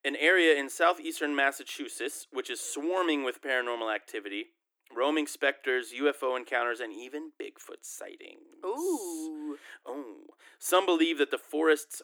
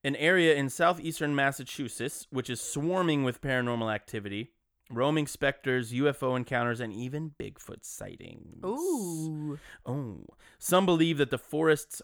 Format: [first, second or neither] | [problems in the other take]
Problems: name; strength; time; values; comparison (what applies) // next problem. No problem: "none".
second | thin; somewhat; fading below 300 Hz